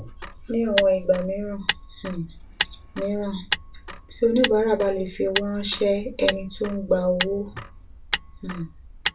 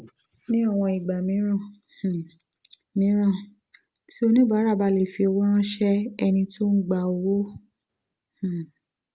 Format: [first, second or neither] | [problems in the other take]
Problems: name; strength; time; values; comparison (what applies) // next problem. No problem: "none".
second | background sound (Motor vehicle (road)); 7 dB below the speech // room echo; dies away in 0.2 s